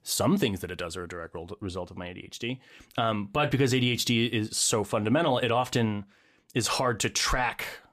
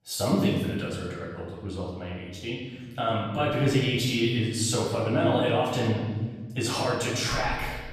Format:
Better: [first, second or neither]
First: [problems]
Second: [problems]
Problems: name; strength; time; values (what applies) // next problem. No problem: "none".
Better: first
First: none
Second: room echo; noticeable; dies away in 1.7 s // off-mic speech; far